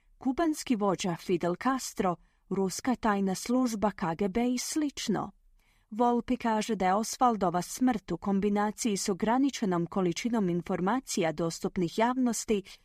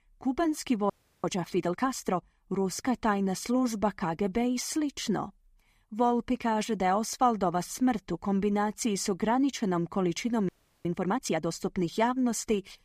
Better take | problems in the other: first | audio freezing; at 1 s and at 10 s

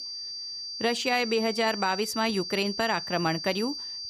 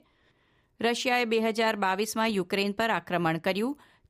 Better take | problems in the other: second | high-pitched whine; loud; throughout; 4.5 kHz, 6 dB below the speech

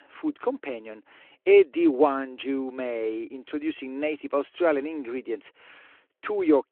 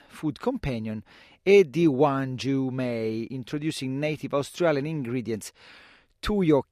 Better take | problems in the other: second | phone-call audio

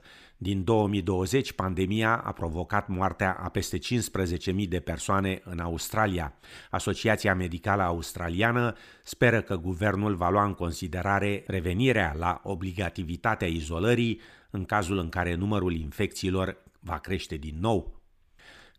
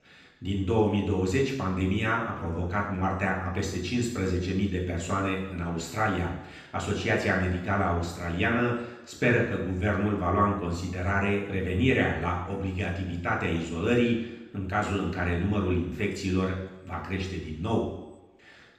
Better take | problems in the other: first | room echo; noticeable; dies away in 0.9 s // off-mic speech; far

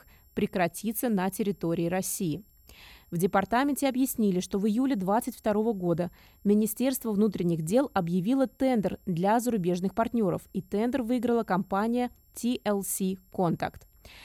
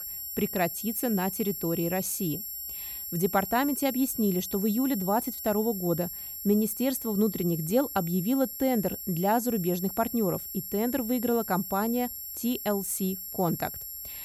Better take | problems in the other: first | high-pitched whine; loud; throughout; 11.5 kHz, 6 dB below the speech; faint in the first

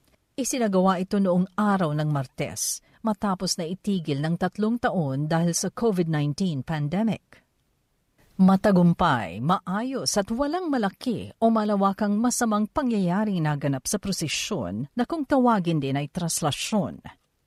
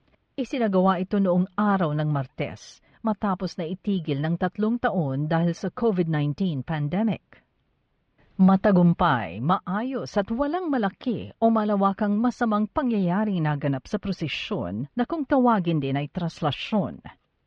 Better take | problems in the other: first | muffled; very; fading above 3.5 kHz

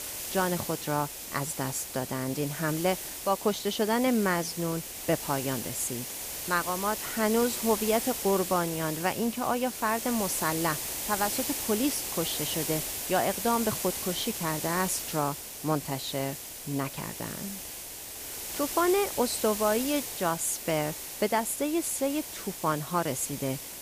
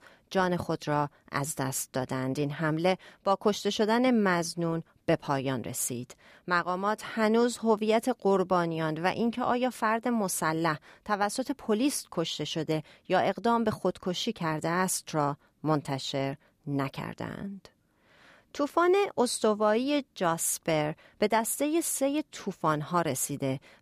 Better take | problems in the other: second | hiss; loud; throughout; 4 dB below the speech

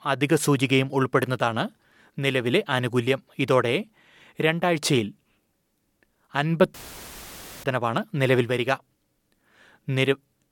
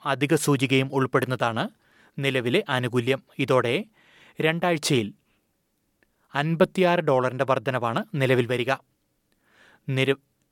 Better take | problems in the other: second | audio cutting out; filled with static; at 6.5 s for 1 s

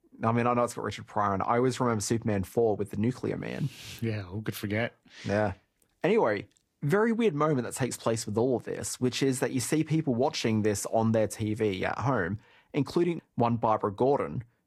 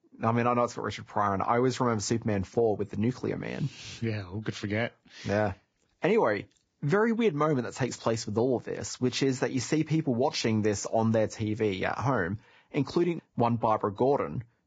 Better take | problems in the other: first | garbled, watery; badly; nothing above 7.5 kHz; slightly in the first

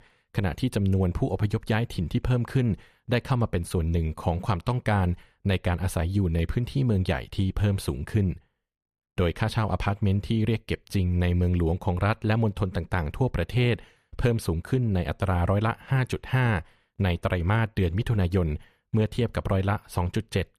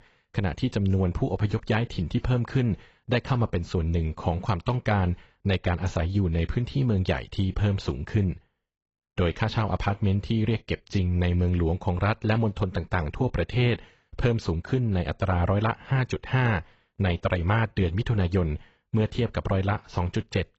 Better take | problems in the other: first | garbled, watery; badly; nothing above 8 kHz

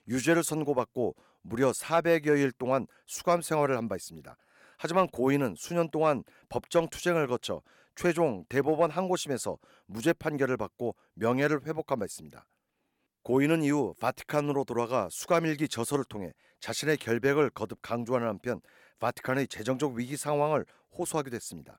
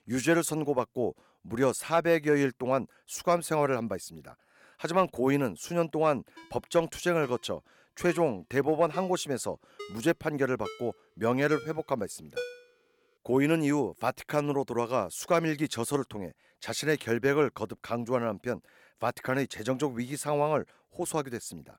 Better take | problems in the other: first | phone ringing; noticeable; from 6.5 to 13 s; peak 9 dB below the speech

